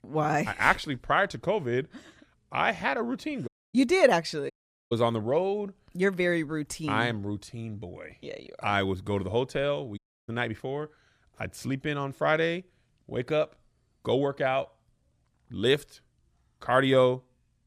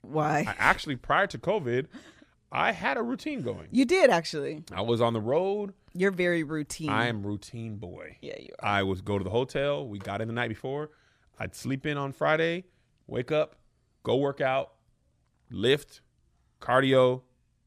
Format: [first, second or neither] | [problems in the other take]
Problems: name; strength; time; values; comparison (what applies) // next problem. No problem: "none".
second | audio cutting out; at 3.5 s, at 4.5 s and at 10 s